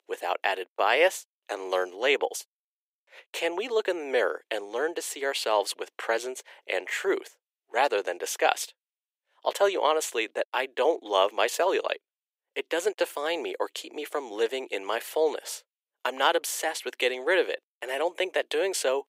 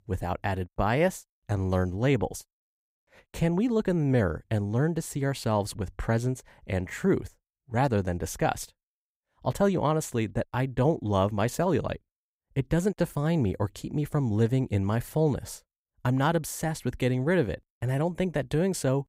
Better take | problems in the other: second | thin; very; fading below 400 Hz

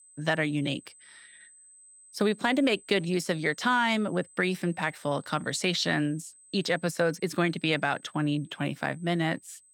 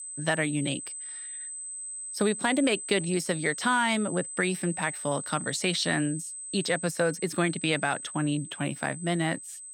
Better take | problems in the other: first | high-pitched whine; loud; throughout; 8 kHz, 8 dB below the speech; faint in the first

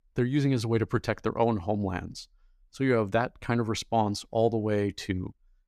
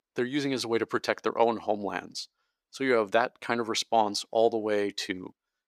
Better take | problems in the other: first | thin; somewhat; fading below 350 Hz

